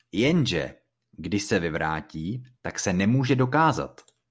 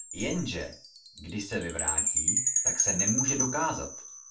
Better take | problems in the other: first | background sound (Chime); 4 dB above the speech // room echo; dies away in 0.2 s

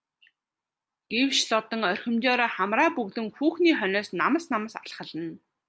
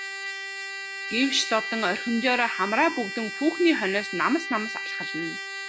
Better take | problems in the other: first | background sound (Trumpet); 7 dB below the speech

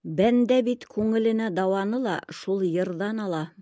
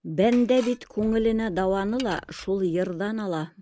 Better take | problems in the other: first | background sound (Dishes, pots, and pans / Glass + Sliding door); 20 dB below the speech

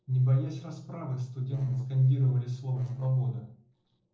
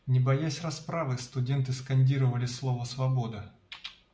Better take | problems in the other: second | noise reduction (neural separator model SepFormer DNS4)

